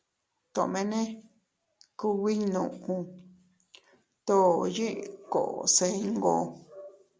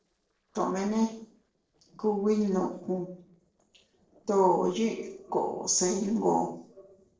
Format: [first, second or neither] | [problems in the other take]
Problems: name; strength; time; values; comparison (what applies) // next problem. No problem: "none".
first | noise reduction (neural separator model SepFormer DNS4)